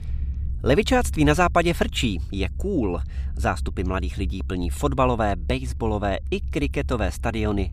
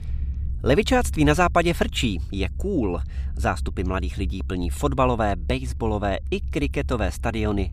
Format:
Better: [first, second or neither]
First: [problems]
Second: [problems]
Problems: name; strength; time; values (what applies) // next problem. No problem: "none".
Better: neither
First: low rumble; faint; throughout; 25 dB below the speech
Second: low rumble; faint; throughout; 25 dB below the speech